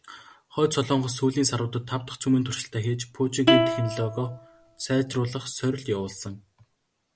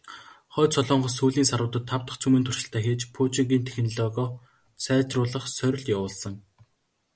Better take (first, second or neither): second